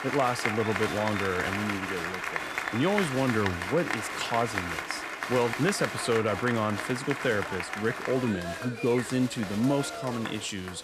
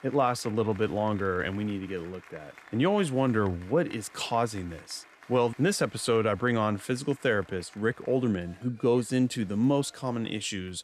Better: second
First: crowd noise; loud; throughout; 4 dB below the speech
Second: crowd noise; faint; throughout; 25 dB below the speech

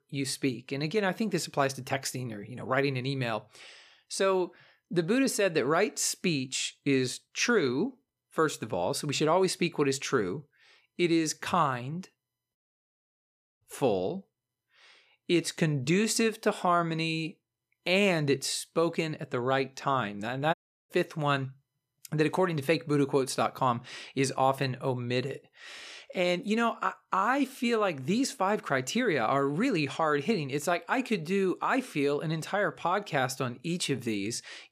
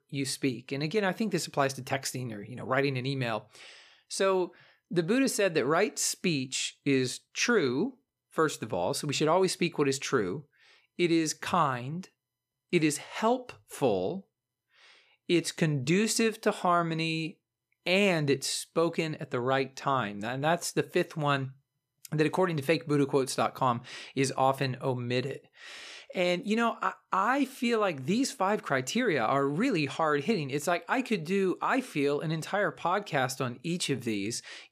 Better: second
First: audio cutting out; at 13 s for 1 s and at 21 s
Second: none

